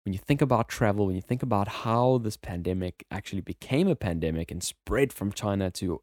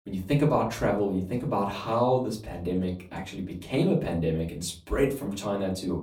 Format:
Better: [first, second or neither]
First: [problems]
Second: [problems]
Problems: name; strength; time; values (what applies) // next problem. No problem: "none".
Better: first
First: none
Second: room echo; slight; dies away in 0.3 s // off-mic speech; far